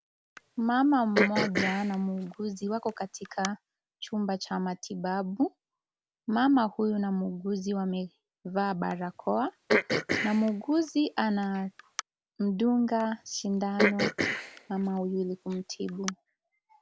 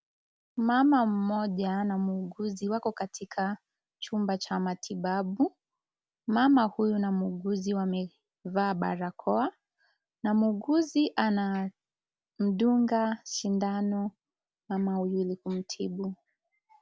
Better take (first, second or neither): second